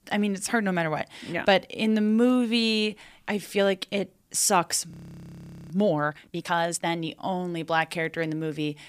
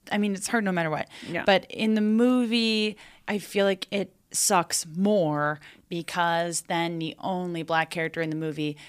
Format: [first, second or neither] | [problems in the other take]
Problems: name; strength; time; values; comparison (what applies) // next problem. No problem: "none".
second | audio freezing; at 5 s for 1 s